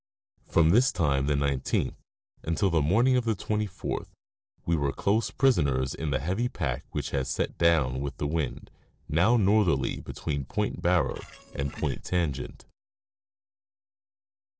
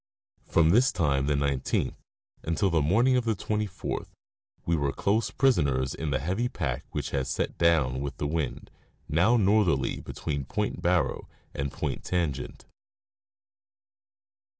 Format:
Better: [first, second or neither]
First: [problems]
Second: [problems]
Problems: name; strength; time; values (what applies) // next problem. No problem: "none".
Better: second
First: noise reduction (neural separator model SepFormer DNS4)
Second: none